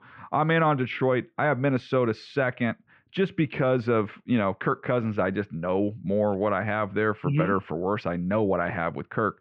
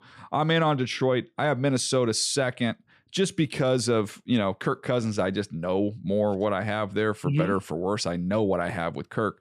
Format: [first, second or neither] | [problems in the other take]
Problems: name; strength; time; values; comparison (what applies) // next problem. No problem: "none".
second | muffled; very; fading above 2.5 kHz